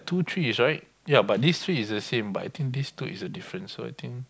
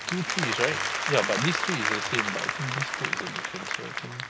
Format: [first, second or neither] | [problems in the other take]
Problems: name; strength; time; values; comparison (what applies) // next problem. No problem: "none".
first | background sound (Applause); 2 dB above the speech